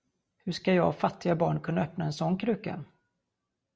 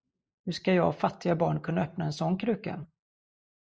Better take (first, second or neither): first